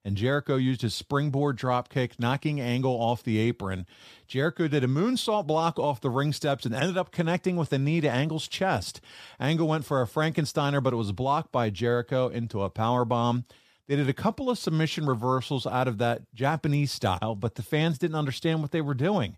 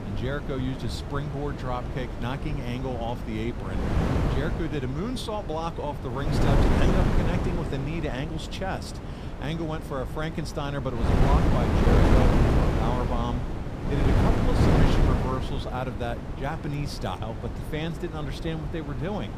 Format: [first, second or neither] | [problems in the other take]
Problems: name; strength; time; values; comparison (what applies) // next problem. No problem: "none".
first | wind noise on the microphone; heavy; 1 dB above the speech